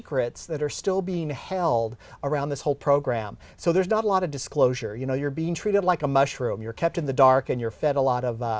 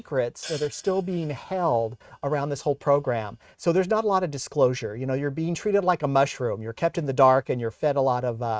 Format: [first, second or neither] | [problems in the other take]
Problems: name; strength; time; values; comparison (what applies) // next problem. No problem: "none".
first | noise reduction (neural mask model RNNoise)